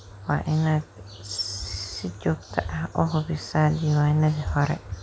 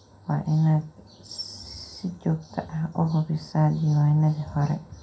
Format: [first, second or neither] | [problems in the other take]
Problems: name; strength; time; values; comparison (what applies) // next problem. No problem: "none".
first | room echo; dies away in 0.2 s